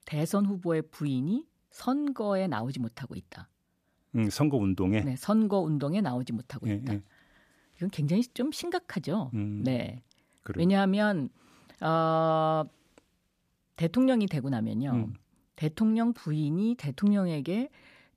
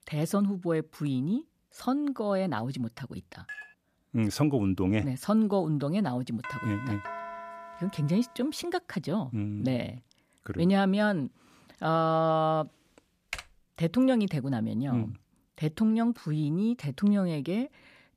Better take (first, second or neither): first